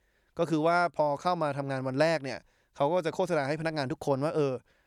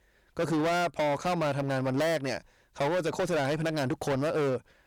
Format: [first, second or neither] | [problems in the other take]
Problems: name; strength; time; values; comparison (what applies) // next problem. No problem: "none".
first | distortion; heavy; 23% of the sound clipped